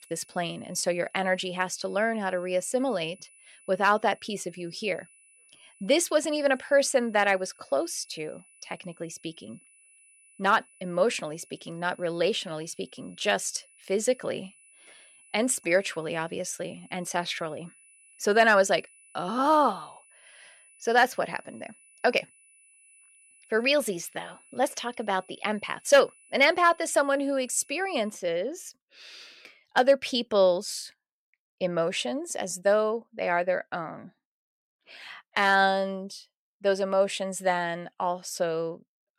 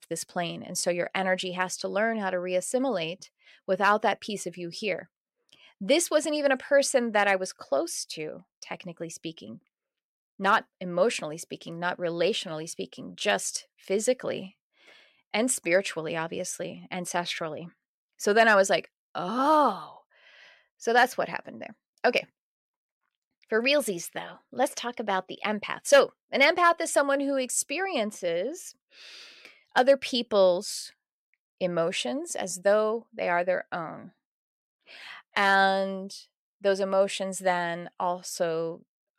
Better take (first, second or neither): second